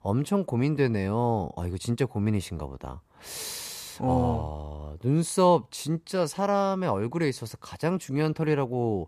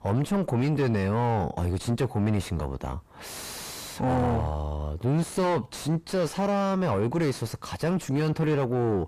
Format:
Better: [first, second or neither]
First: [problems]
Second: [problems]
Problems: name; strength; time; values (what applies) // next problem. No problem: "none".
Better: first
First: none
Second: distortion; heavy; 6 dB below the speech